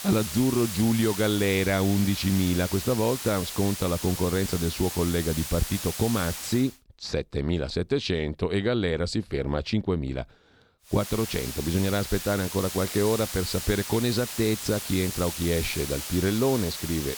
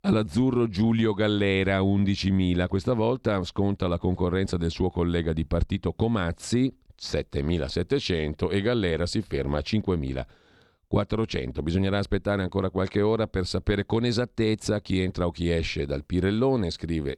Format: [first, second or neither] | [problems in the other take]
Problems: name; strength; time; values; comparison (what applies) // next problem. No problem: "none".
second | hiss; loud; until 6.5 s and from 11 s on; 7 dB below the speech